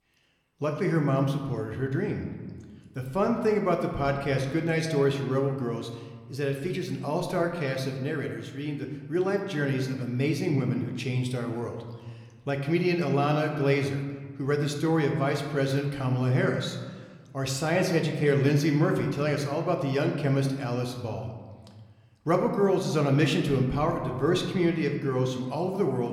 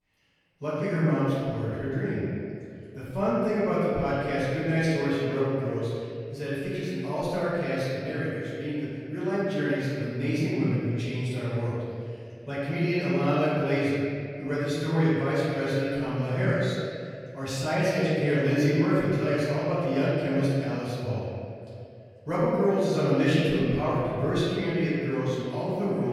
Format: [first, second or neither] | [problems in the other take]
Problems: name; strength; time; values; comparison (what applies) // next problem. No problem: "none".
first | room echo; strong; dies away in 2.3 s; slight in the first // off-mic speech; far